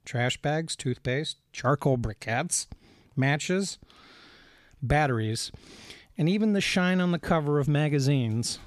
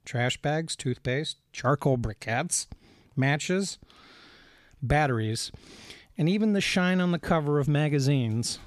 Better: neither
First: none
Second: none

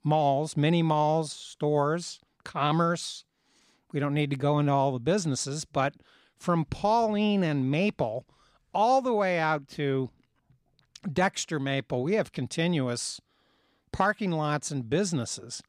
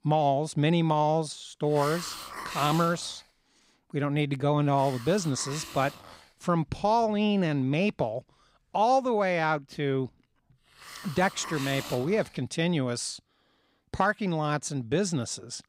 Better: first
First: none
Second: hiss; noticeable; from 1.5 to 7.5 s and from 10 to 13 s; 15 dB below the speech

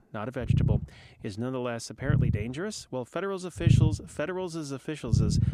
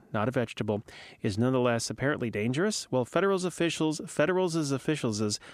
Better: second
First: low rumble; loud; throughout; 2 dB below the speech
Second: none

